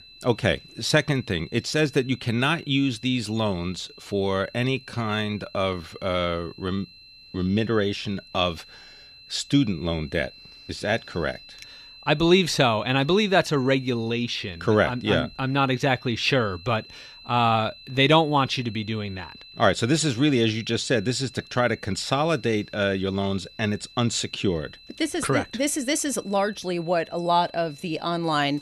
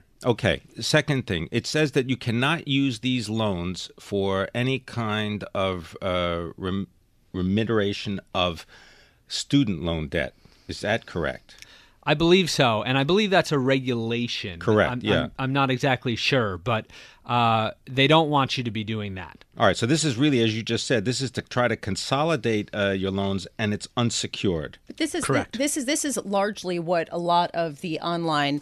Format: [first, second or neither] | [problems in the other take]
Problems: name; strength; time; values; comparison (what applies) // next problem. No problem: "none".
second | high-pitched whine; faint; throughout; 4 kHz, 20 dB below the speech